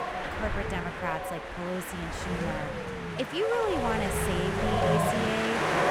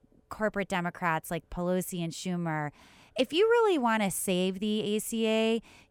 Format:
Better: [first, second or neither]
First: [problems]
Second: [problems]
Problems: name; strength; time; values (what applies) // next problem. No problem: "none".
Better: second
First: wind noise on the microphone; heavy; 4 dB above the speech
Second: none